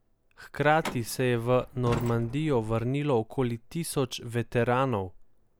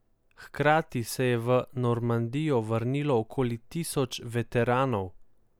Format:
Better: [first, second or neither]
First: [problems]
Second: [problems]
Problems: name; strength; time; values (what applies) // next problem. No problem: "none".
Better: second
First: background sound (Truck); 11 dB below the speech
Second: none